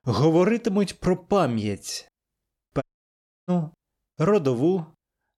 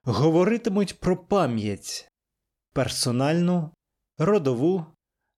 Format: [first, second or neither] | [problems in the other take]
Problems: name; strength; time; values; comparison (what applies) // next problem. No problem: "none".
second | audio cutting out; at 3 s for 0.5 s